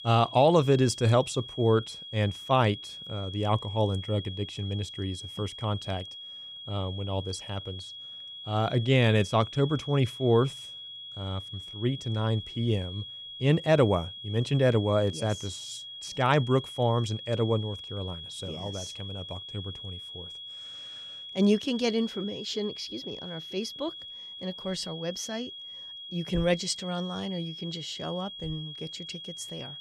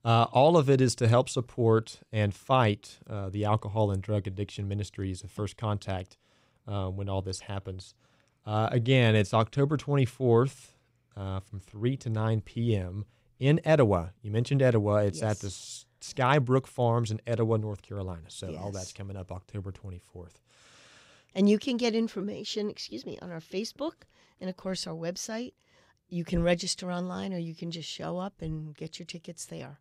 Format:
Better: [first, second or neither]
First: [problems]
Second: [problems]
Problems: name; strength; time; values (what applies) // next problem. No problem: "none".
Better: second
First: high-pitched whine; noticeable; throughout; 3.5 kHz, 10 dB below the speech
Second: none